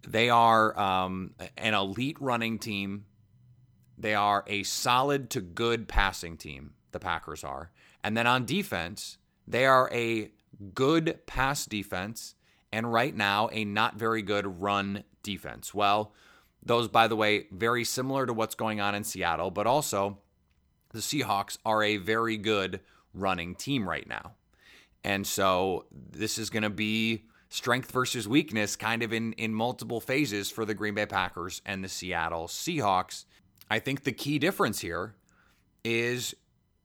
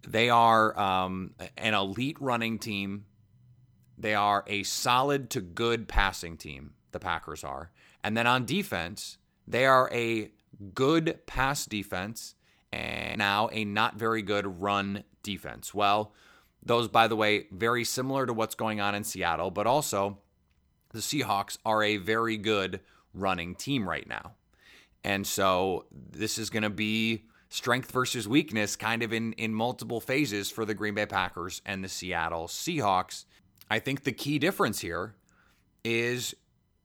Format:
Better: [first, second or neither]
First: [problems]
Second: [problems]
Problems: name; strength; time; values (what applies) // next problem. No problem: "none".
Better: first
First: none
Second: audio freezing; at 13 s